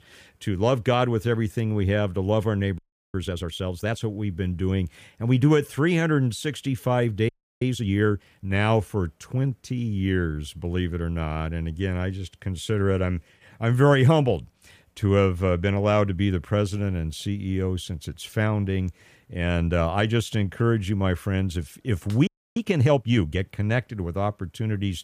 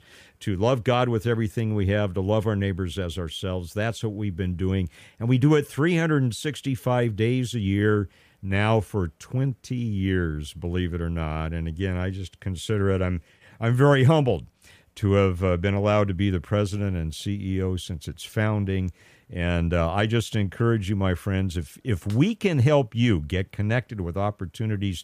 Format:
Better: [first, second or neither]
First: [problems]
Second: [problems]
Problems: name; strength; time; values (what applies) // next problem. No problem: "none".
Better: second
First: audio freezing; at 3 s, at 7.5 s and at 22 s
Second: none